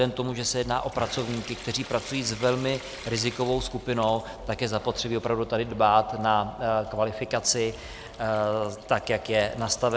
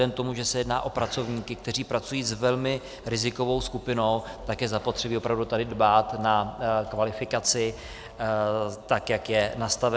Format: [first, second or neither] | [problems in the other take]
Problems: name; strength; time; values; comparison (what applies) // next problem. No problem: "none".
second | background sound (Trickle, dribble / Sink (filling or washing) / Water tap, faucet); 20 dB below the speech